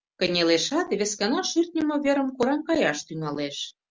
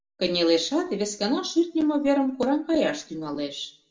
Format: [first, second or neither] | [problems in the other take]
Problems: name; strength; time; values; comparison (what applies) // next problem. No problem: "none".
first | room echo; dies away in 0.5 s